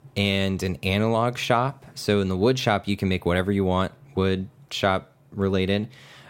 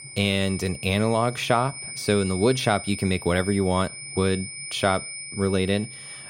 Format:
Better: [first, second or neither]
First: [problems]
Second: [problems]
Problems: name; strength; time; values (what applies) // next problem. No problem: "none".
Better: first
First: none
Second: high-pitched whine; noticeable; throughout; 2.5 kHz, 10 dB below the speech